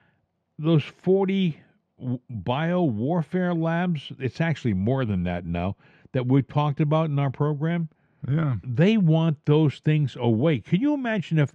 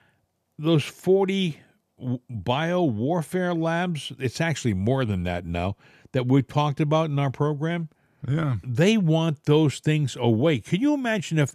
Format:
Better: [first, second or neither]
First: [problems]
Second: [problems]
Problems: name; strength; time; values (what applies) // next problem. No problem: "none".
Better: second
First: muffled; slightly; fading above 3 kHz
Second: none